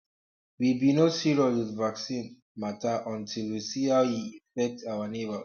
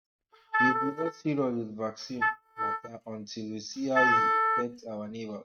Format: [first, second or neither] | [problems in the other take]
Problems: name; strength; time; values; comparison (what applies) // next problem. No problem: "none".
first | noise reduction (neural mask model RNNoise)